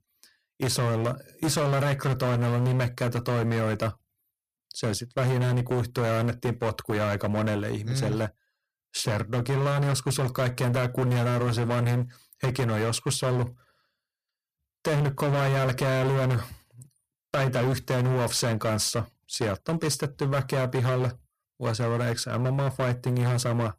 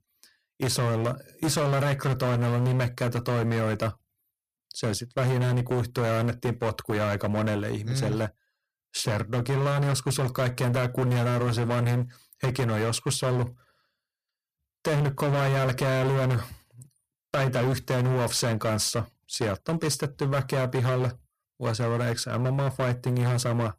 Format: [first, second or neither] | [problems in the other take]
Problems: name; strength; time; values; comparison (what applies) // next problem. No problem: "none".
neither | distortion; heavy; 21% of the sound clipped; the same in both